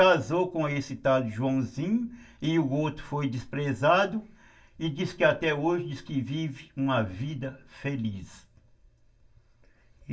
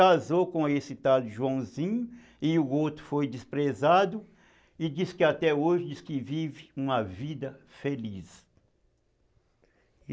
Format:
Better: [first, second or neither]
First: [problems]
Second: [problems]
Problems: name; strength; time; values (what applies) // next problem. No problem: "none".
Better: second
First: room echo; dies away in 0.2 s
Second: none